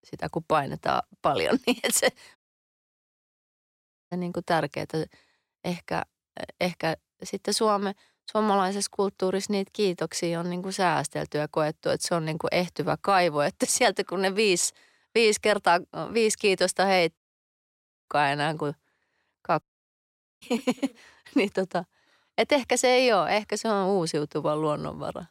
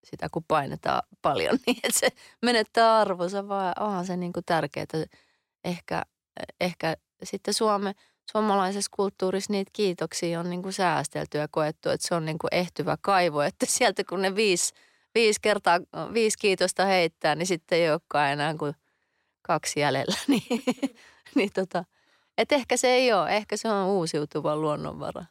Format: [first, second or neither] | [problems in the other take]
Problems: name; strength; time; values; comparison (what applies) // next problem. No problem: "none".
second | audio cutting out; at 2.5 s for 2 s, at 17 s for 1 s and at 20 s for 1 s